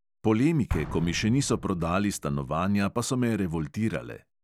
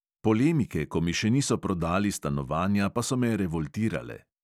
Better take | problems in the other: second | background sound (Explosion); 14 dB below the speech

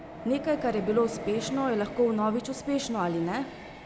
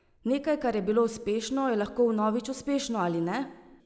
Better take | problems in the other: second | background sound (Train); 12 dB below the speech

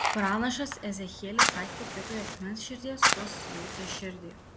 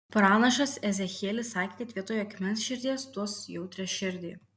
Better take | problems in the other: second | background sound (Fire); 3 dB above the speech

